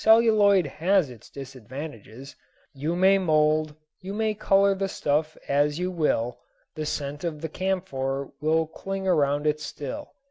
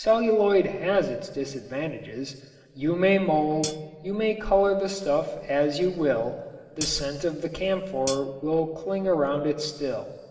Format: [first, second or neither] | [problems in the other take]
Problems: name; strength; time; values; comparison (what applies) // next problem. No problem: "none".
first | background sound (Hi-hat); 10 dB below the speech // room echo; dies away in 2.9 s